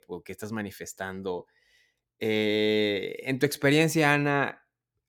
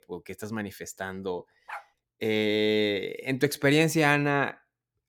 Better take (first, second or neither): first